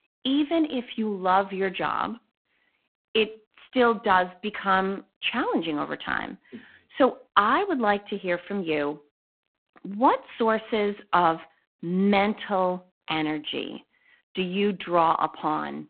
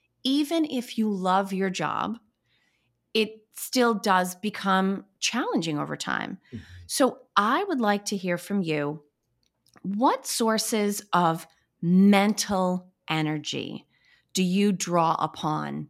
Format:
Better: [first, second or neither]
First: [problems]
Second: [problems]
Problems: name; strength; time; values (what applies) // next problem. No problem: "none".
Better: second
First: phone-call audio; poor line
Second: none